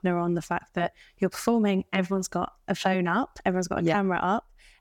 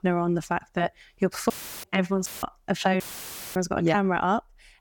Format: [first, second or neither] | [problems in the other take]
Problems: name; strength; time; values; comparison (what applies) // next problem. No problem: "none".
first | audio cutting out; filled with static; at 1.5 s, at 2.5 s and at 3 s for 0.5 s